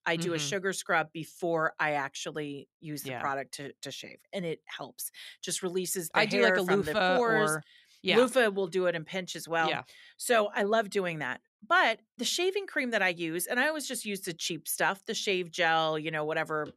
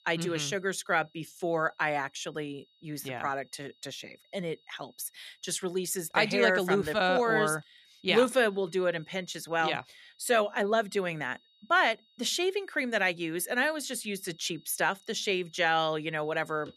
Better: first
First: none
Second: high-pitched whine; faint; throughout; 4 kHz, 35 dB below the speech

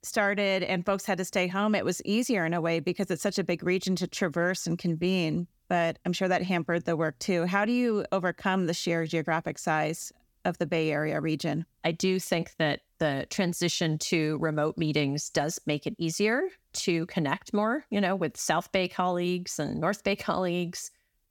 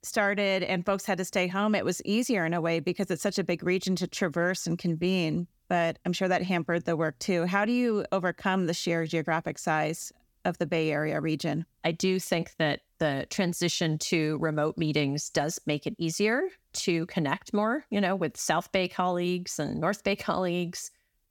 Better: neither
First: none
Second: none

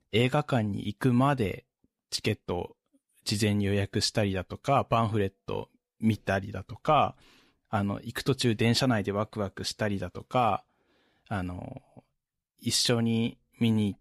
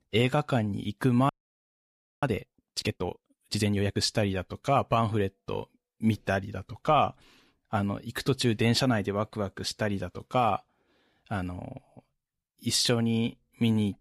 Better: first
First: none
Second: audio freezing; at 1.5 s for 1 s

